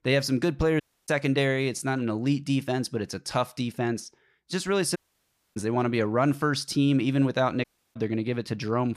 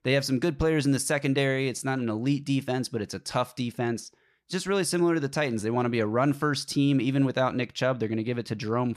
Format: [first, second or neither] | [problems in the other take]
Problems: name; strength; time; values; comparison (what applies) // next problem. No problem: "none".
second | audio cutting out; at 1 s, at 5 s for 0.5 s and at 7.5 s